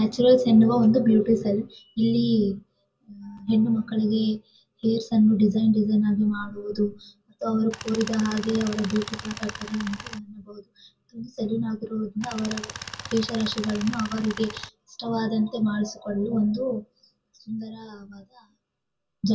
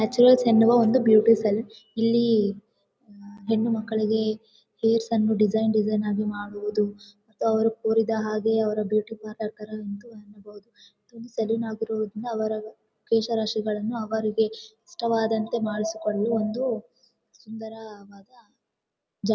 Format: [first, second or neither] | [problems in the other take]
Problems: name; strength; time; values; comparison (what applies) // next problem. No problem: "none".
second | background sound (Tools); 12 dB below the speech // room echo; dies away in 0.1 s